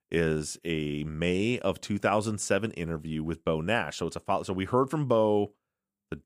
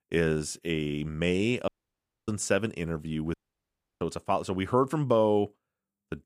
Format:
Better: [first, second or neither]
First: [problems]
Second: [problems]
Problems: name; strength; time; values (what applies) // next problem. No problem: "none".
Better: first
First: none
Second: audio cutting out; at 1.5 s for 0.5 s and at 3.5 s for 0.5 s